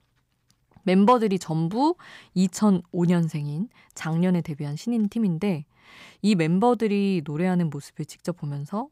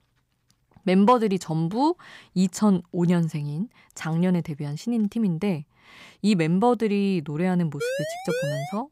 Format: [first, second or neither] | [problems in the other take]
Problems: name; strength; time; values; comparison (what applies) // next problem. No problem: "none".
first | siren; noticeable; at 8 s; peak 4 dB below the speech